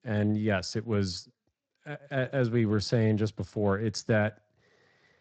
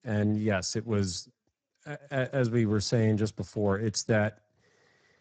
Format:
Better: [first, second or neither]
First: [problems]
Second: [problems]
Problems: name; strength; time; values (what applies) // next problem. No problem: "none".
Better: first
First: garbled, watery; slightly; nothing above 7.5 kHz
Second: garbled, watery; badly; nothing above 7.5 kHz